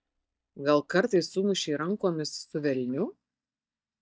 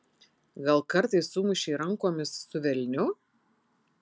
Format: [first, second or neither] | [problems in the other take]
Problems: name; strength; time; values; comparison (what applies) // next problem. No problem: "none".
second | noise reduction (neural mask model DeepFilterNet 3)